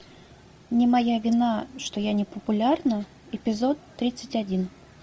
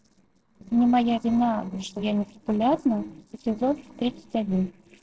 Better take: first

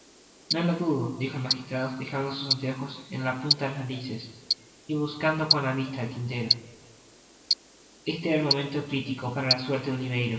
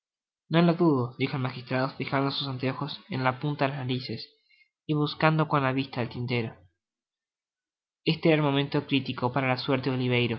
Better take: second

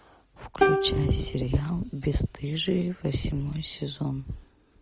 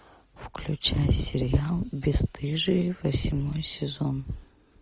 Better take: second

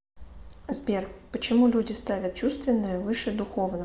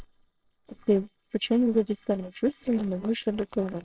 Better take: first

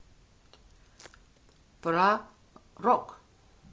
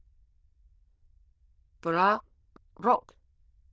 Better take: first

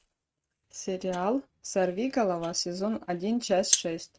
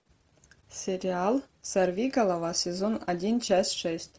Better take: second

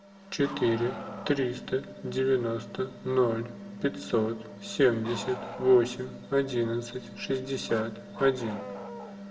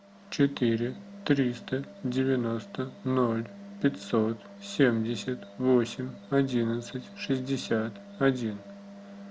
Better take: second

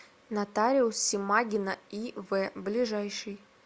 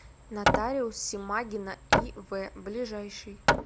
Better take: first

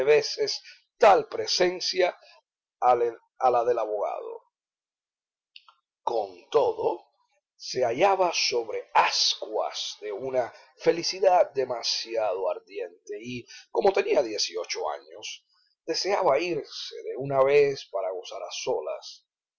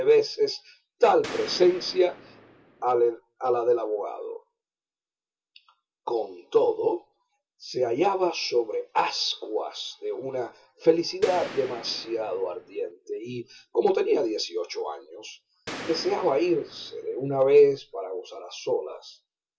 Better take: first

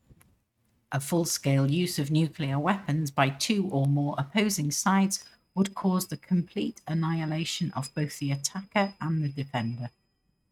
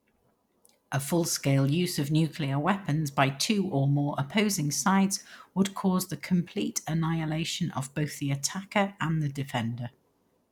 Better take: second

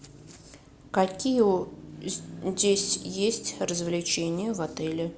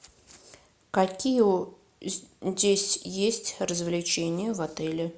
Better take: second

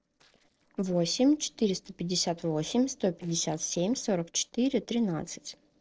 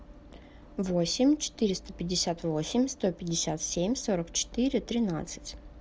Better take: second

